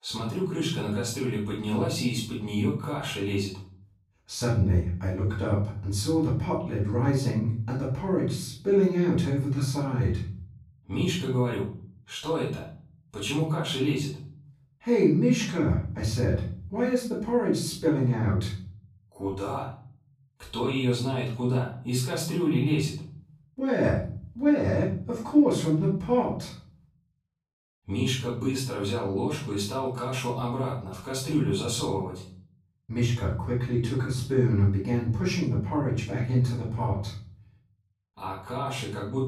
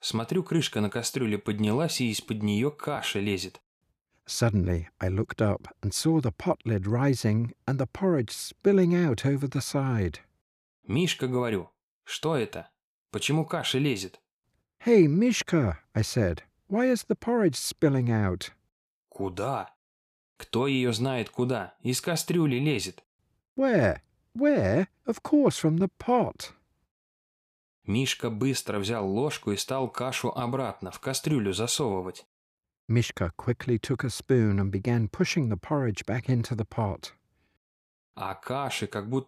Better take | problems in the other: second | room echo; noticeable; dies away in 0.5 s // off-mic speech; far

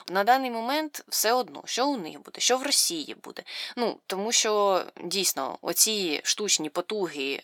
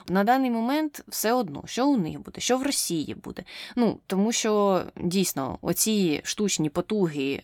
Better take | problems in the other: second | thin; somewhat; fading below 450 Hz

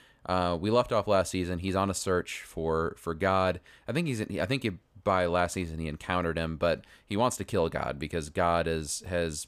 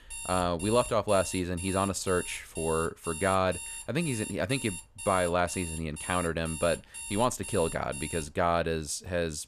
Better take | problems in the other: first | alarm; noticeable; until 8.5 s; peak 7 dB below the speech

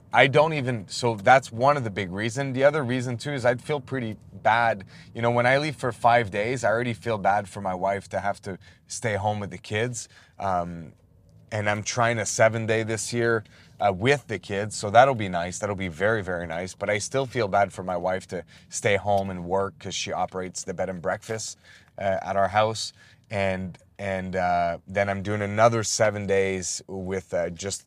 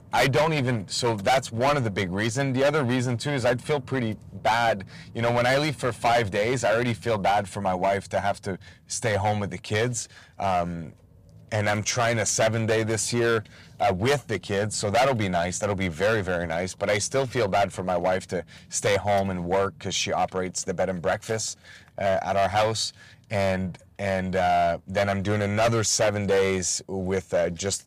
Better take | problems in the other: first | distortion; heavy; 8% of the sound clipped

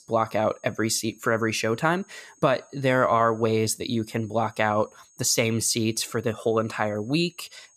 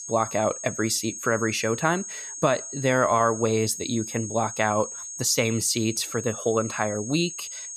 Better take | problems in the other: first | high-pitched whine; loud; throughout; 6.5 kHz, 9 dB below the speech; faint in the first

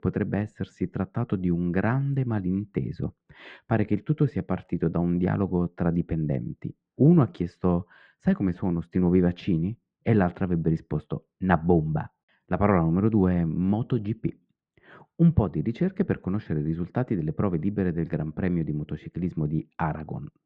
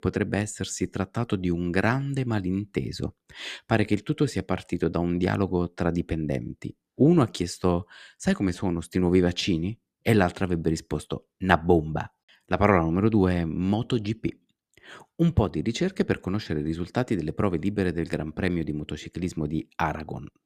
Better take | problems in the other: second | muffled; very; fading above 1.5 kHz

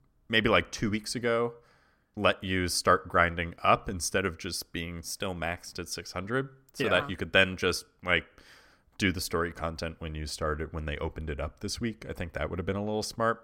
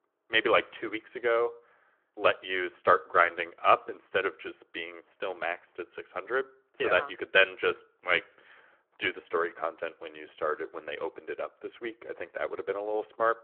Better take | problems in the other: first | phone-call audio; nothing above 3 kHz

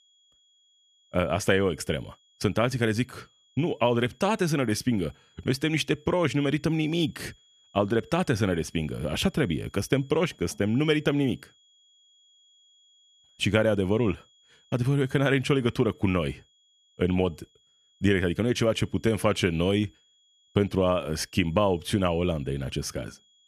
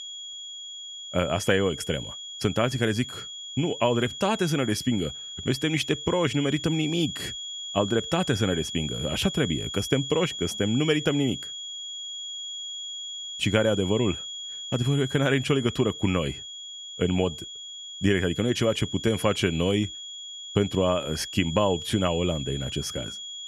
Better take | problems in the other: first | high-pitched whine; loud; throughout; 3.5 kHz, 8 dB below the speech; faint in the first

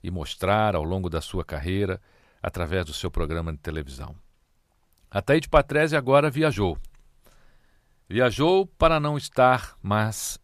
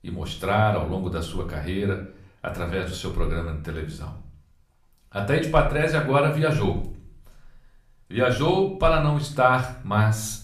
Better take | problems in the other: first | room echo; slight; dies away in 0.4 s // off-mic speech; far

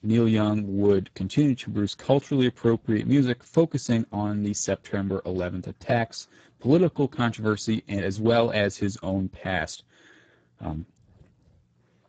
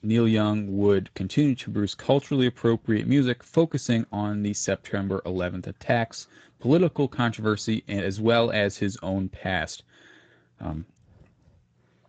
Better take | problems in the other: second | garbled, watery; badly; nothing above 7.5 kHz; slightly in the second

